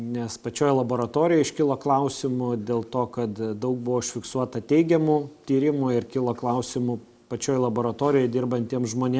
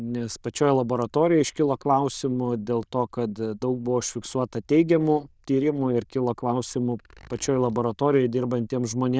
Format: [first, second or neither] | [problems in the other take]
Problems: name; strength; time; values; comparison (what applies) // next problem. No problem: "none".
first | noise reduction (neural diffusion model UNIVERSE++)